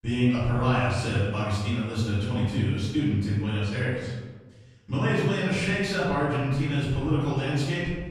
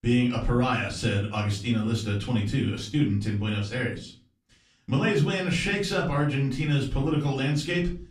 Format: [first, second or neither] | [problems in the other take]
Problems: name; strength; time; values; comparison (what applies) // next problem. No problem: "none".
second | room echo; strong; dies away in 1.2 s; slight in the second // off-mic speech; far; far in the second